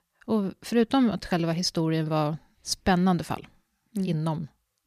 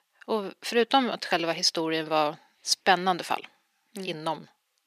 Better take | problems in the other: first | thin; somewhat; fading below 450 Hz

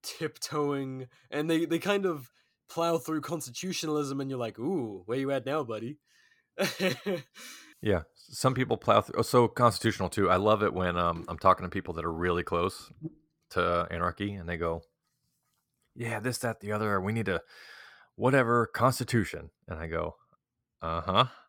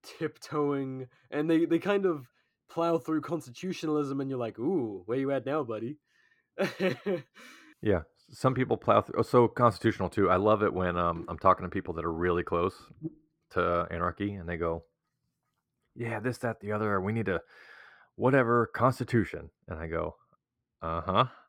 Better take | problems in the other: first | muffled; slightly; fading above 3.5 kHz

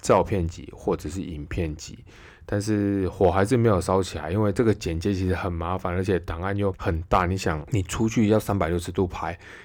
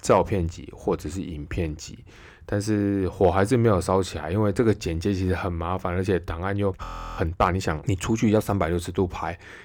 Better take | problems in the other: first | audio freezing; at 7 s

